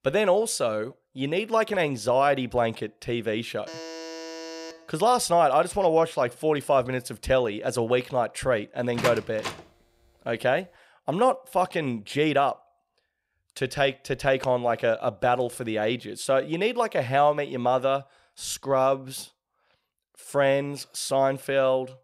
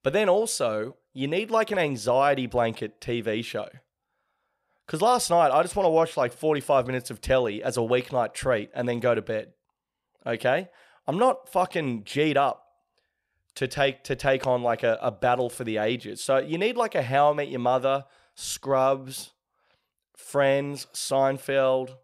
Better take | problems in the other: second | alarm; faint; from 3.5 to 5 s; peak 10 dB below the speech // door banging; noticeable; at 9 s; peak 5 dB below the speech

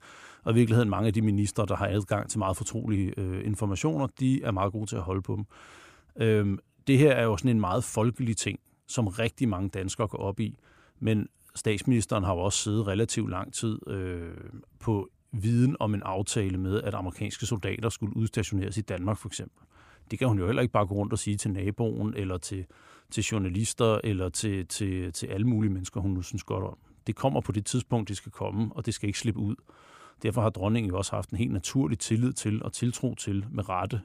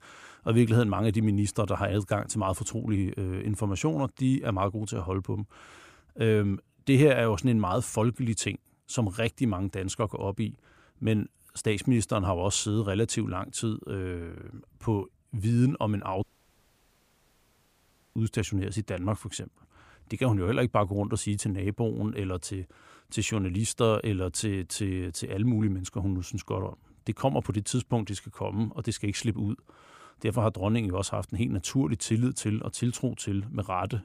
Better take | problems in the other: first | audio cutting out; at 16 s for 2 s

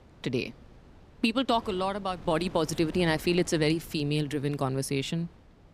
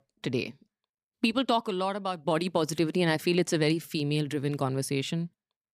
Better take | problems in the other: second | wind noise on the microphone; occasional gusts; 20 dB below the speech

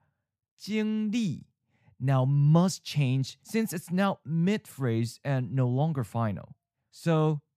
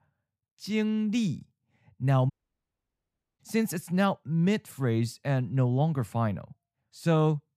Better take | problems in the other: first | audio cutting out; at 2.5 s for 1 s

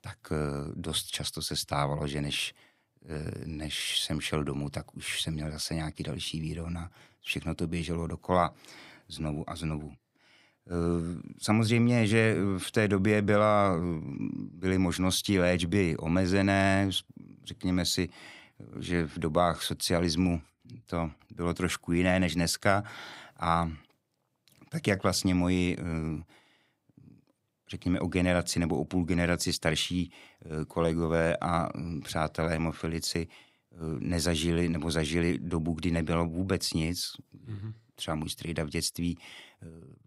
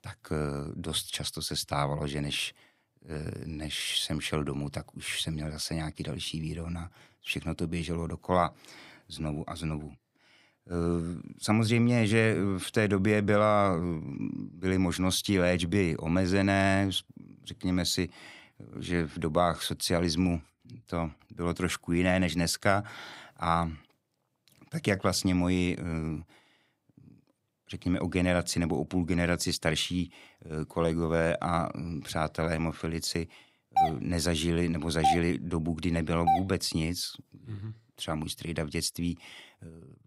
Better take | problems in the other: first | doorbell; loud; from 34 to 36 s; peak 2 dB above the speech

